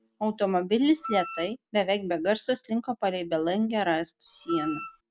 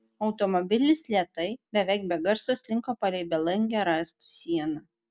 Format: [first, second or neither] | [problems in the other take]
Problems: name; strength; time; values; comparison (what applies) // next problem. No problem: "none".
second | background sound (Wind instrument, woodwind instrument); 10 dB below the speech